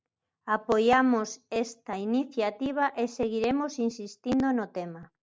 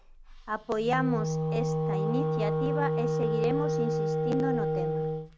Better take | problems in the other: first | background sound (Wind instrument, woodwind instrument); 4 dB above the speech

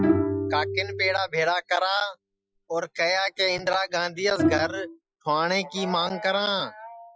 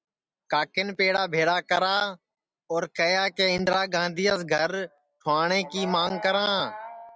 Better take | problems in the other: second | noise reduction (classical method Wiener filter)

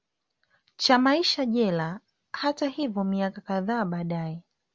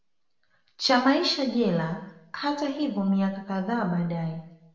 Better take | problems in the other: first | room echo; dies away in 0.8 s

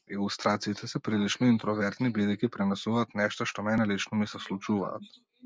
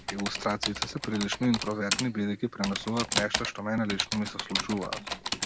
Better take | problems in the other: first | background sound (Typing); 3 dB below the speech

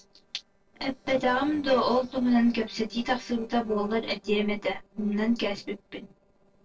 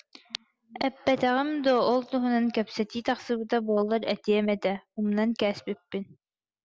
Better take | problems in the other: second | noise reduction (neural separator model SepFormer DNS4)

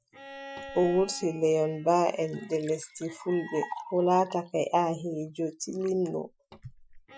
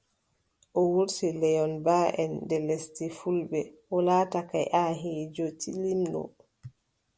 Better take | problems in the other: second | noise reduction (classical method Wiener filter)

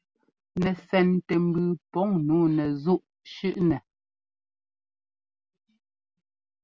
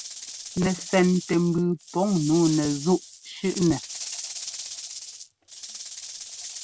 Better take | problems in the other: first | background sound (Rattle / Rattle (instrument)); 11 dB below the speech

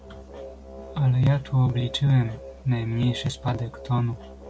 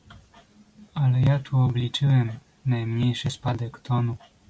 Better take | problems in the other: second | background sound (Musical instrument); 17 dB below the speech

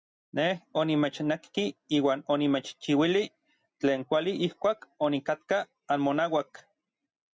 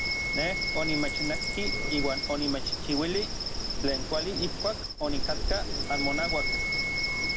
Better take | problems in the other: first | background sound (Wind instrument, woodwind instrument + Insect); 4 dB above the speech

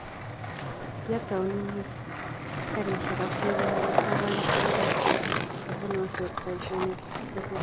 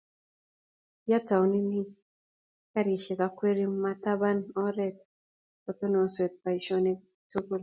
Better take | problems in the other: second | background sound (Skateboard); 4 dB above the speech

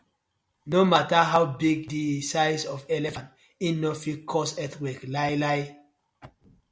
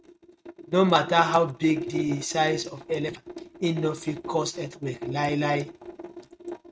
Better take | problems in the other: first | noise reduction (neural mask model RNNoise)

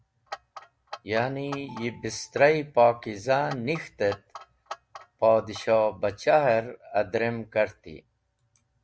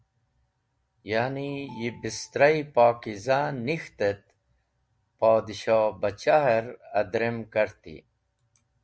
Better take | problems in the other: second | background sound (Clock); 18 dB below the speech

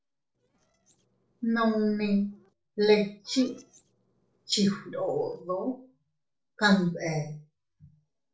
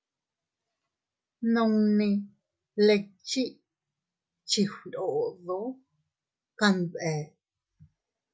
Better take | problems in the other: second | noise reduction (neural separator model SepFormer DNS4)

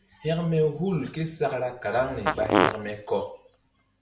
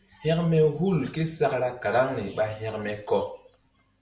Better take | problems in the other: second | background sound (Fart); 2 dB above the speech

